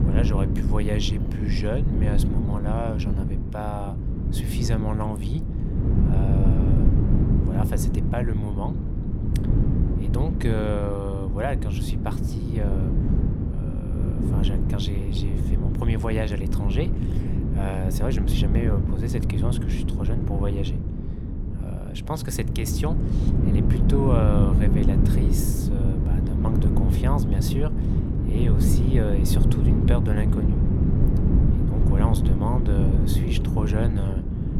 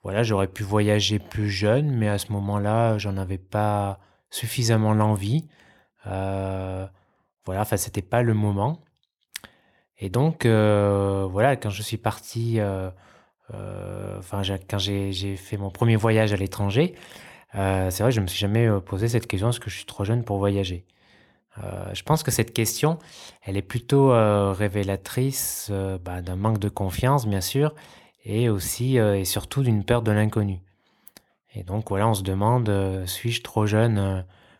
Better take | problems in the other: second | wind noise on the microphone; heavy; 1 dB below the speech

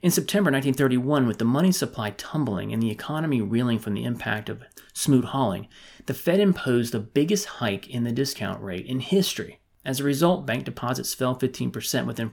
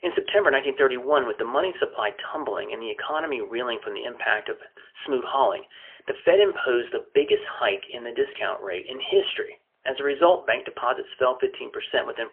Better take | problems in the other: first | phone-call audio; poor line; nothing above 3 kHz

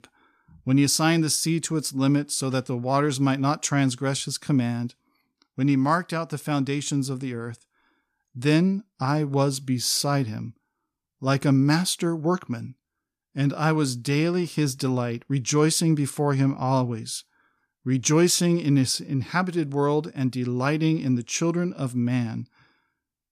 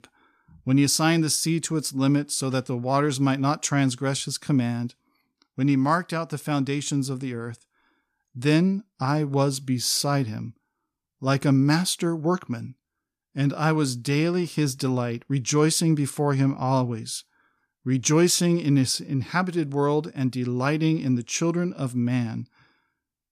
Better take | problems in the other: neither | none

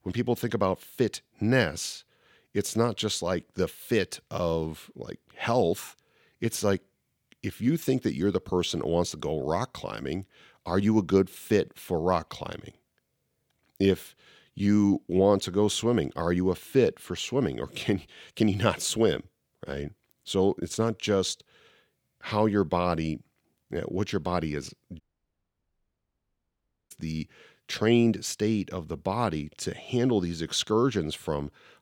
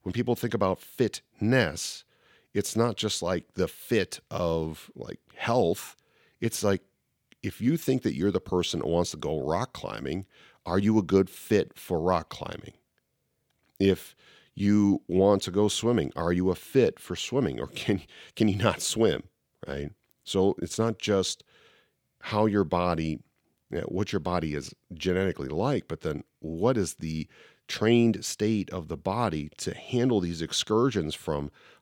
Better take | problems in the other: second | audio cutting out; at 25 s for 2 s

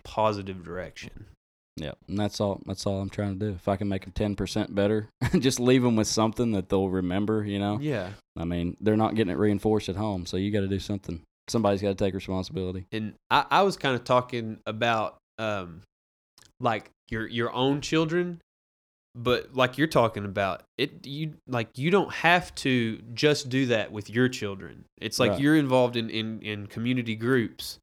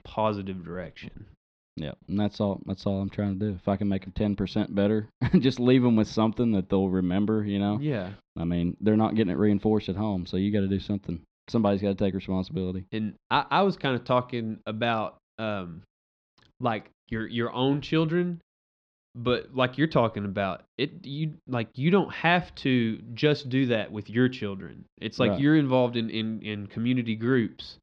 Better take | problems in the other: first | muffled; very slightly; fading above 4 kHz

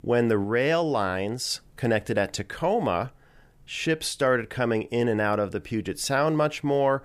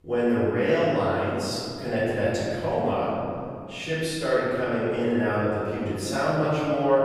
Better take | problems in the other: first | off-mic speech; far // room echo; strong; dies away in 2.3 s

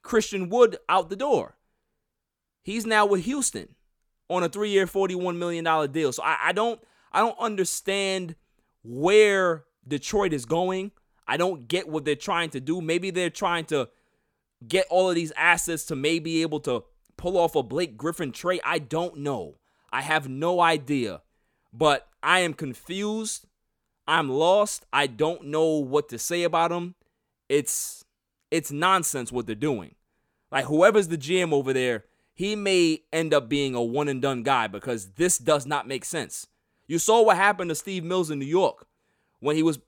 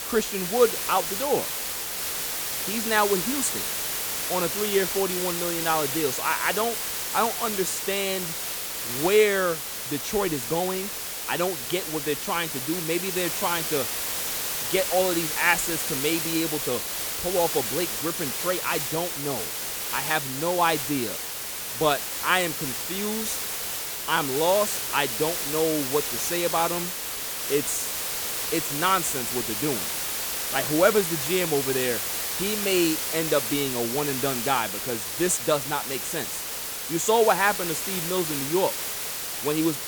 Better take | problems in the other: first | hiss; loud; throughout; 1 dB below the speech

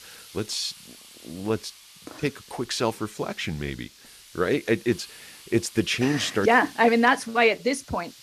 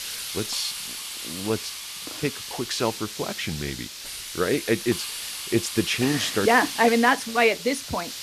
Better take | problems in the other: first | hiss; loud; throughout; 7 dB below the speech; faint in the first

